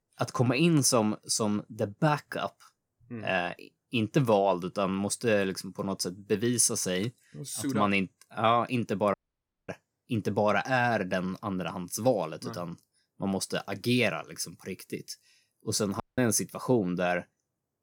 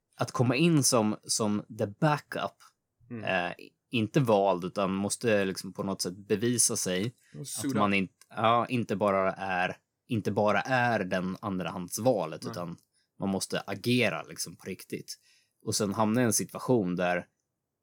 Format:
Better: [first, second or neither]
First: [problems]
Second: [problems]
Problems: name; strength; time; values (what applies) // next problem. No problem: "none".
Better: second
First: audio cutting out; at 9 s for 0.5 s and at 16 s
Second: none